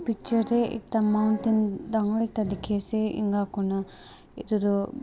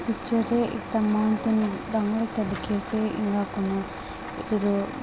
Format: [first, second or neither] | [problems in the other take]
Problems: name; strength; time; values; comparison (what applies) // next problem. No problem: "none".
first | background sound (Truck); 10 dB below the speech